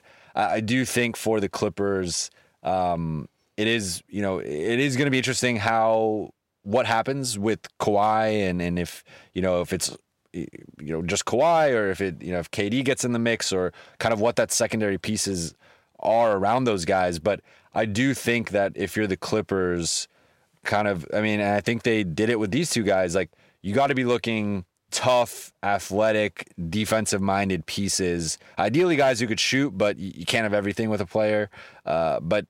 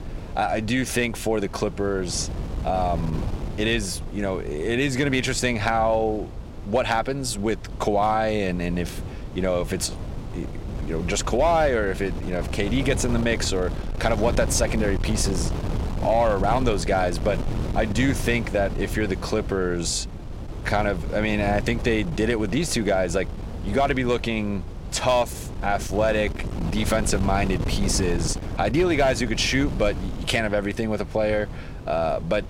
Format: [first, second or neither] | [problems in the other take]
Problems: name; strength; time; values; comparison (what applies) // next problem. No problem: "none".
first | wind noise on the microphone; occasional gusts; 15 dB below the speech